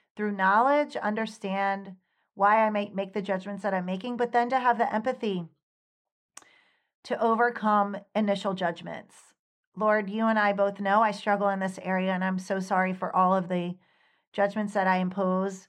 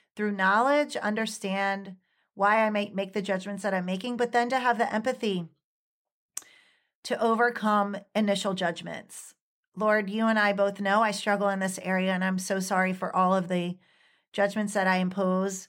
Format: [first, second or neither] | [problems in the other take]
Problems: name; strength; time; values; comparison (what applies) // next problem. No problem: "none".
second | muffled; slightly; fading above 2.5 kHz